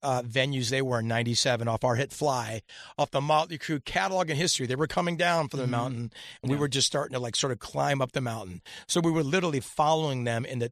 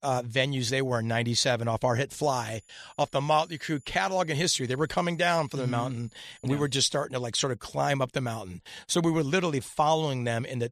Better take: first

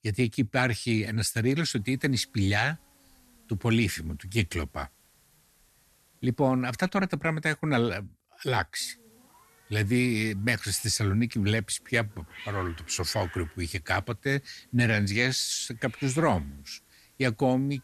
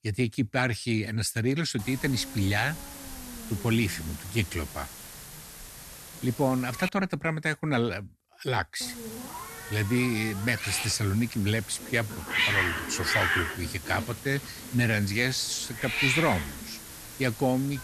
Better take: first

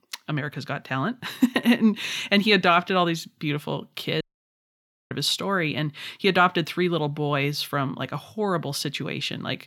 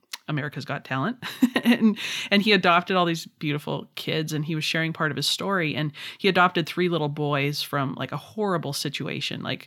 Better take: second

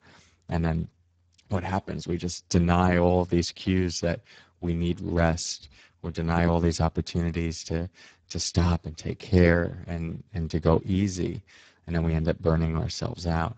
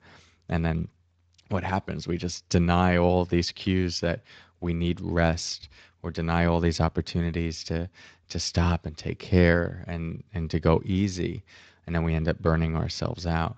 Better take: second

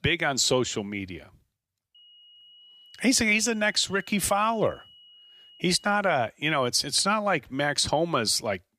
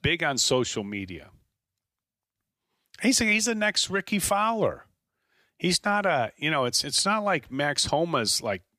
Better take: second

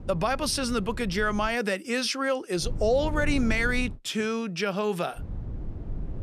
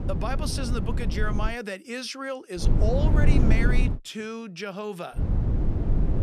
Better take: first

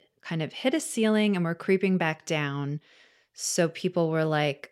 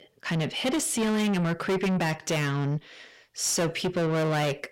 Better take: first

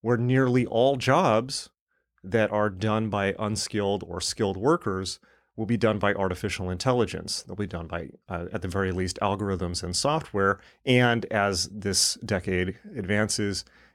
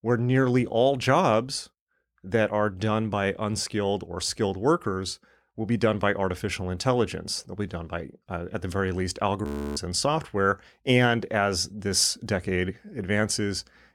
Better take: first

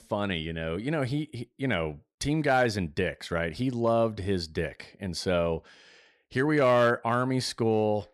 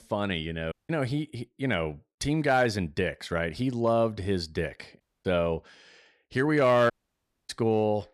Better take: first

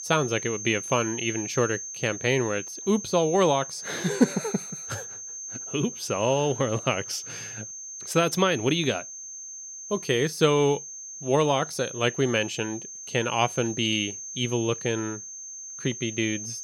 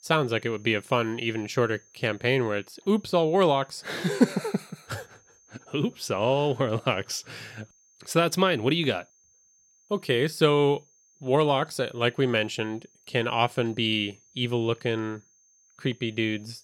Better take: second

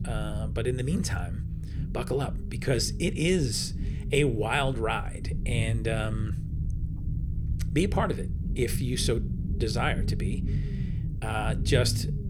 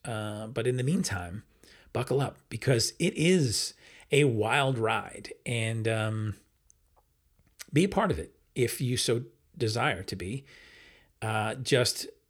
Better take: second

